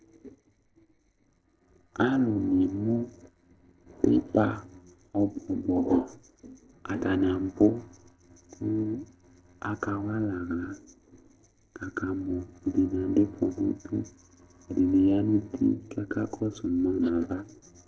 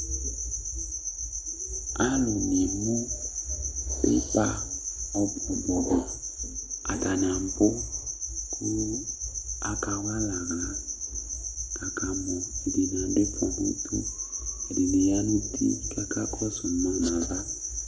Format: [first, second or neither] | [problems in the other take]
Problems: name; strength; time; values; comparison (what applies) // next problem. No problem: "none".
second | noise reduction (neural separator model SepFormer DNS4)